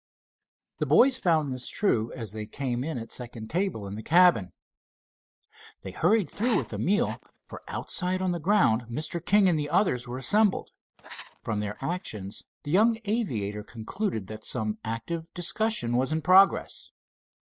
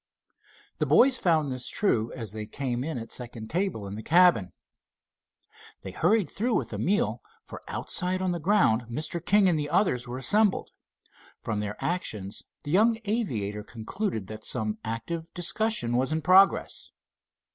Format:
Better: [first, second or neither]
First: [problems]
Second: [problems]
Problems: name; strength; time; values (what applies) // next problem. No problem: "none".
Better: second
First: noise reduction (neural mask model DeepFilterNet 3)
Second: none